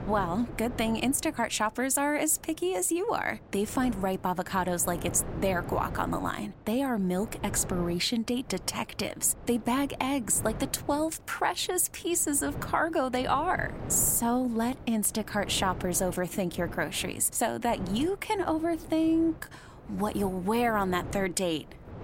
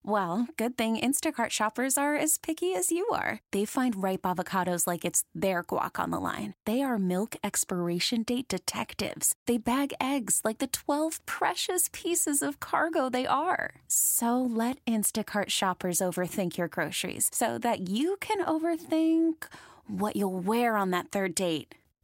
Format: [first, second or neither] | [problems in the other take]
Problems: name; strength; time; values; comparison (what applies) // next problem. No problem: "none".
second | wind noise on the microphone; occasional gusts; 15 dB below the speech